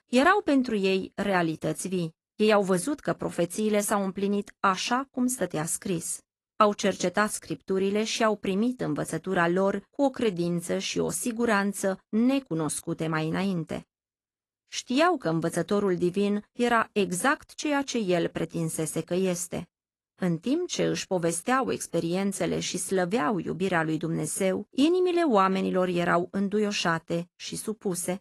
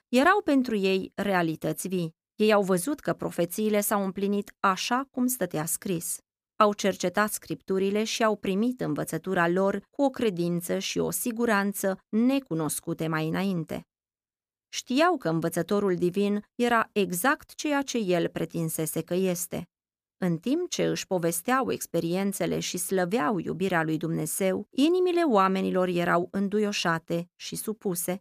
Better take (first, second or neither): second